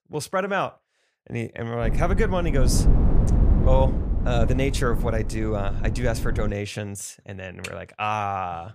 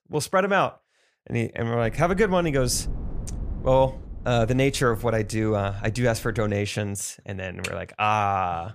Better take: second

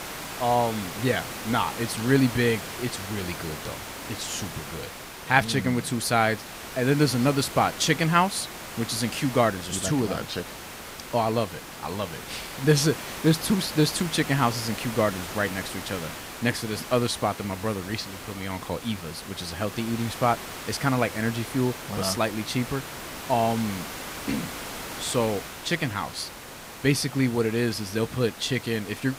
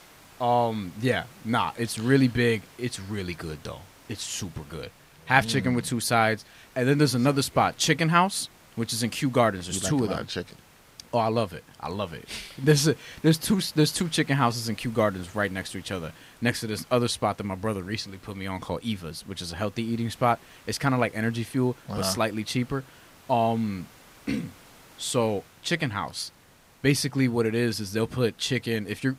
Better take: second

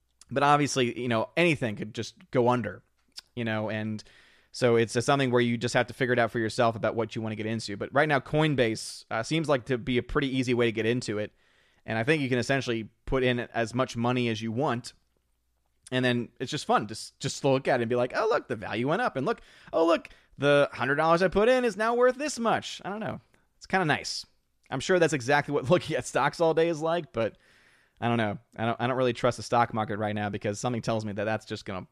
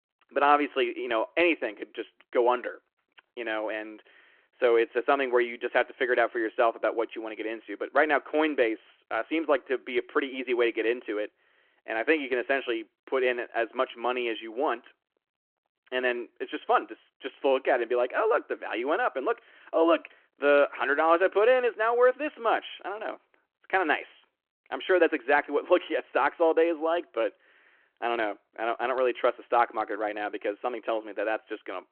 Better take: first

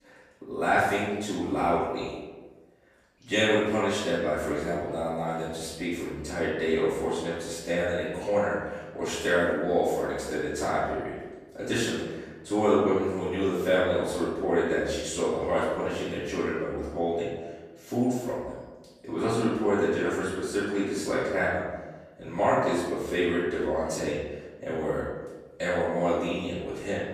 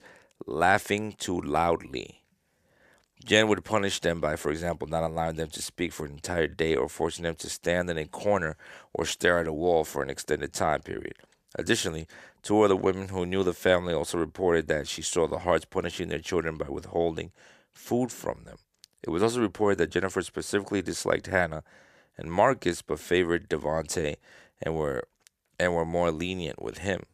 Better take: second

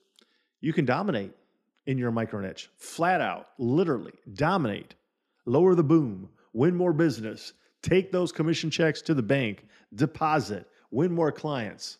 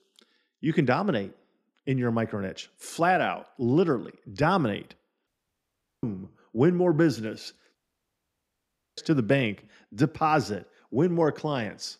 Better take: first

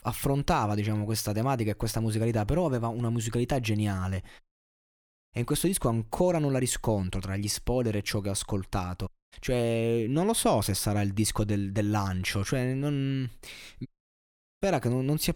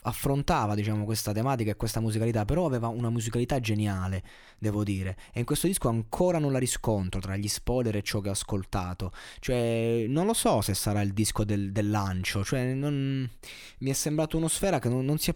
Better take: second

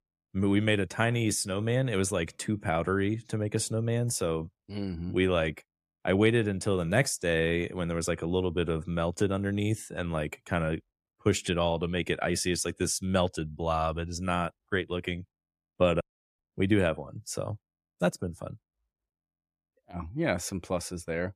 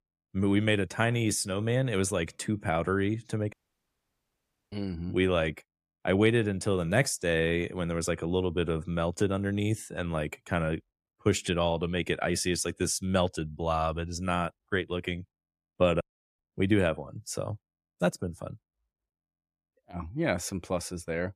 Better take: first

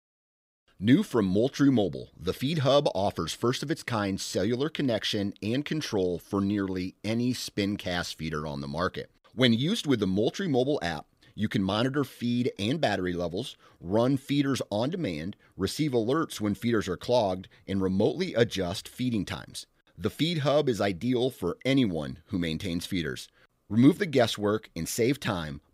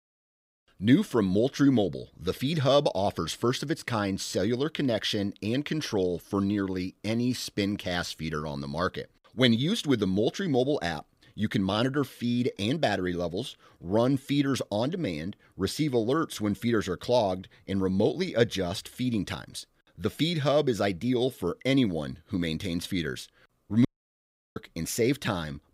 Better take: first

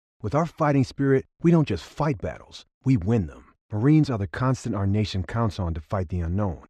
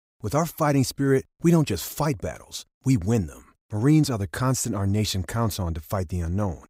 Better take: second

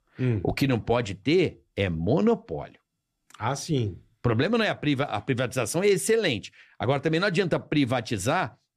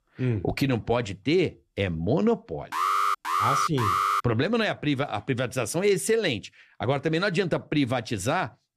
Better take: first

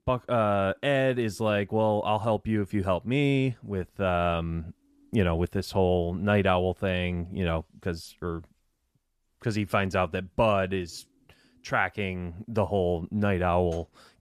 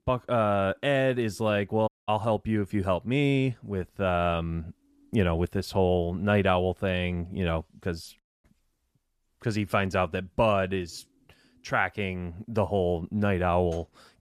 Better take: first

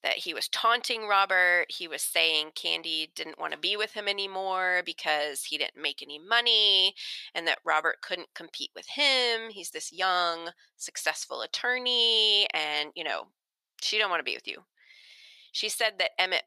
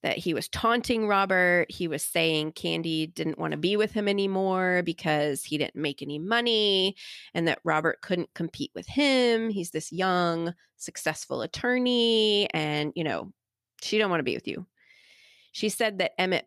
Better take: second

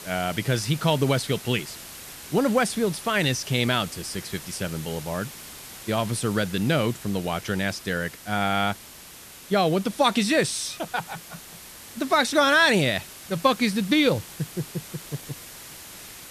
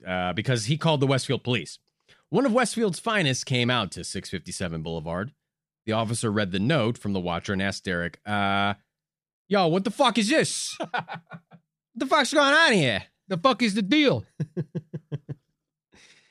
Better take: second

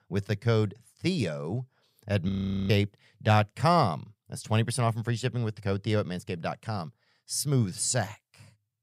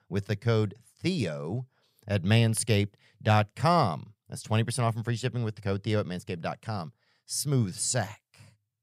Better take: second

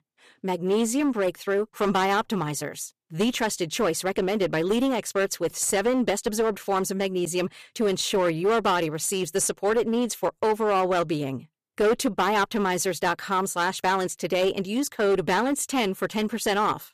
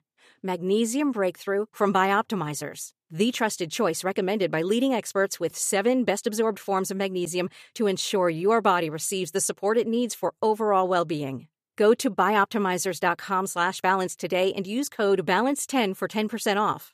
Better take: second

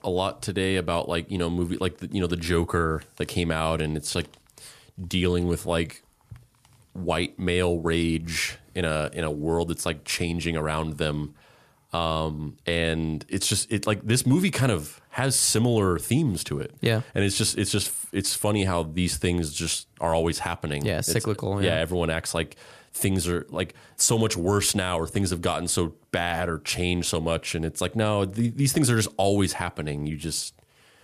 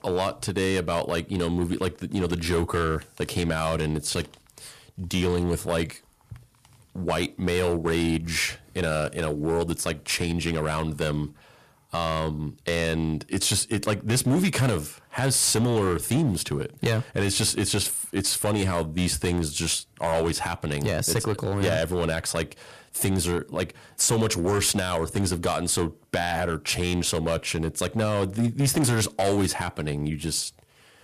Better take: first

